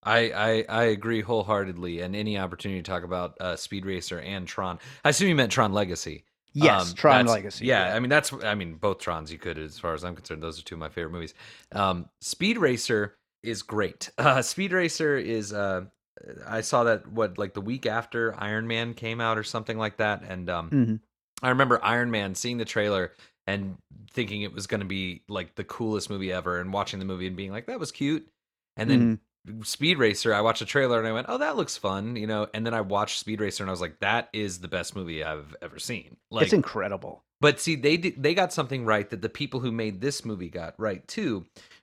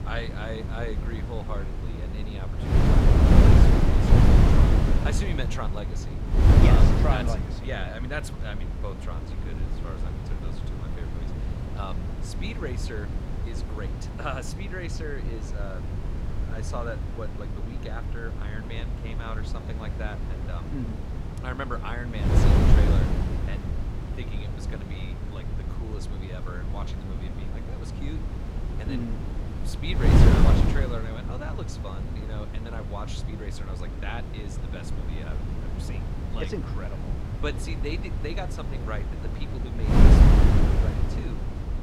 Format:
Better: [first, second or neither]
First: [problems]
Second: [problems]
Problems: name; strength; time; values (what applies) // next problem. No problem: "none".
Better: first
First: none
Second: wind noise on the microphone; heavy; 3 dB above the speech